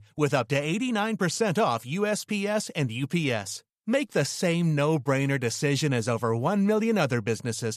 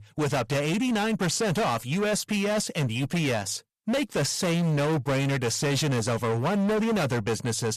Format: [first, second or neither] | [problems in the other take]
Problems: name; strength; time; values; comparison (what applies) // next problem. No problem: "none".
first | distortion; heavy; 29% of the sound clipped